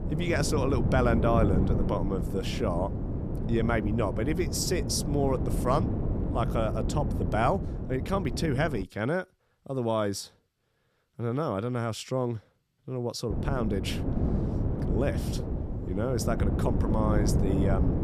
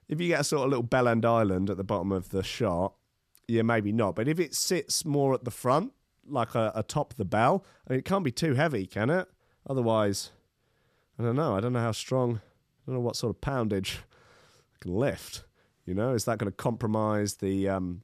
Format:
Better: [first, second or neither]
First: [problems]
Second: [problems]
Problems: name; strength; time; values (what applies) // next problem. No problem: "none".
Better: second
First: wind noise on the microphone; heavy; until 9 s and from 13 s on; 7 dB below the speech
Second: none